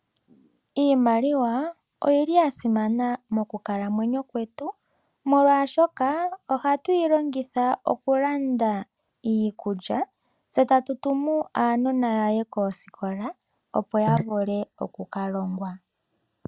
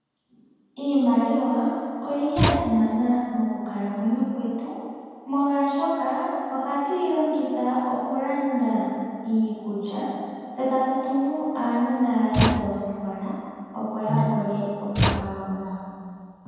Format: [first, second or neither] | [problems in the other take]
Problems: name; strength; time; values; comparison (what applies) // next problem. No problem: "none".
first | background sound (Slam / Tools); 3 dB below the speech // room echo; dies away in 2.1 s